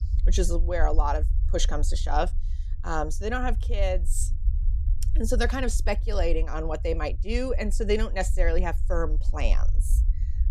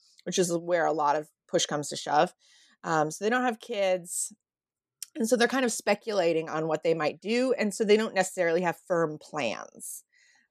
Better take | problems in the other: second | low rumble; faint; throughout; 20 dB below the speech

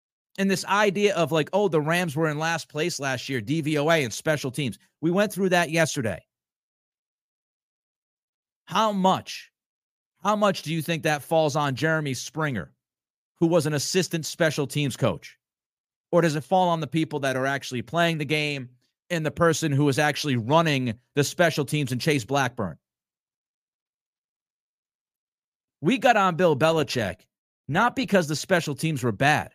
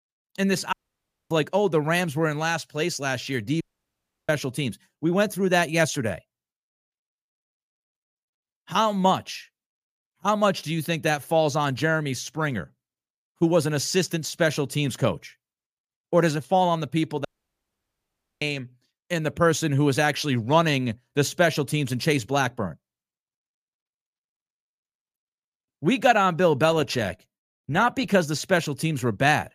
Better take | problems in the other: first | audio cutting out; at 0.5 s for 0.5 s, at 3.5 s for 0.5 s and at 17 s for 1 s

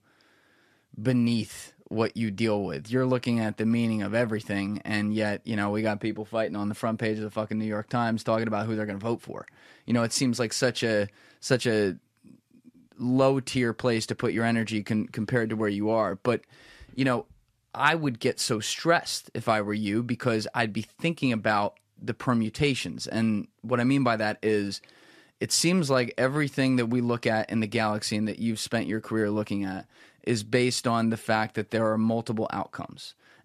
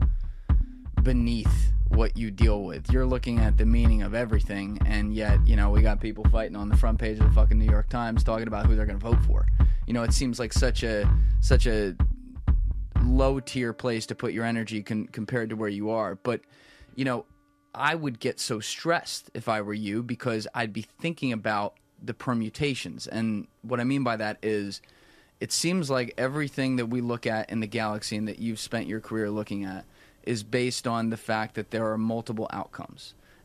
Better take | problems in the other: first | background music; very loud; throughout; 3 dB above the speech

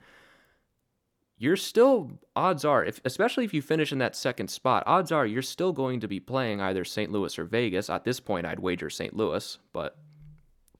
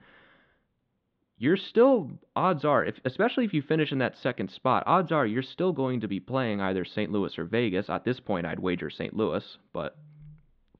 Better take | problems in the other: first | muffled; slightly; fading above 3.5 kHz

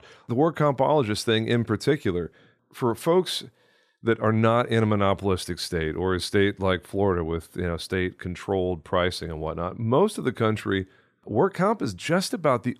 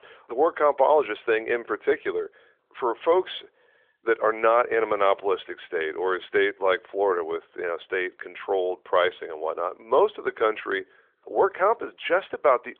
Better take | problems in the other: first | phone-call audio; nothing above 3.5 kHz

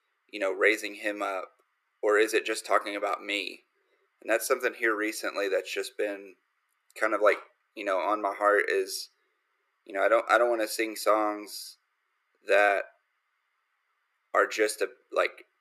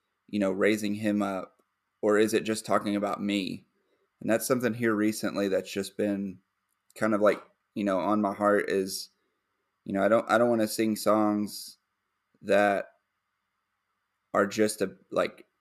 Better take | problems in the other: second | thin; very; fading below 350 Hz

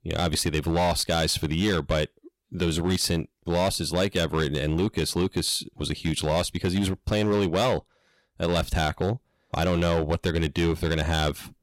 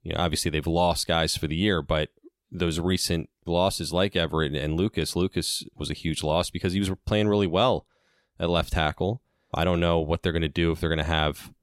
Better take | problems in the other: second | distortion; slight; 9% of the sound clipped

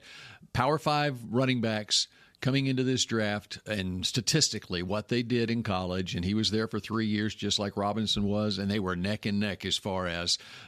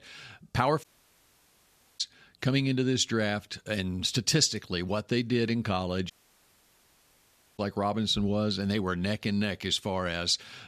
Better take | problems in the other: first | audio cutting out; at 1 s for 1 s and at 6 s for 1.5 s

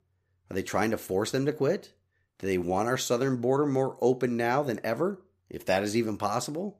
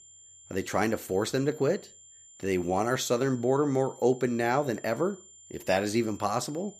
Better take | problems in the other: first | high-pitched whine; faint; throughout; 7 kHz, 20 dB below the speech

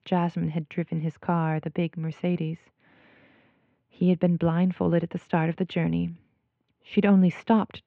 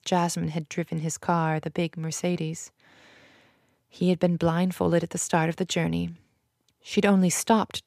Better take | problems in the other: second | muffled; very; fading above 3 kHz

